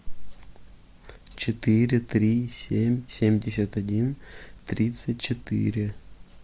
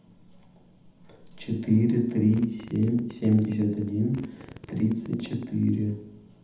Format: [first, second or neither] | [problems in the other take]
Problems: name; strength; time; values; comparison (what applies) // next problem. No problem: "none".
first | background sound (Fart); 20 dB below the speech // room echo; dies away in 0.8 s